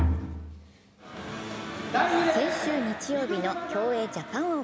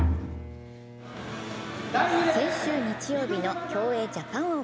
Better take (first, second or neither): first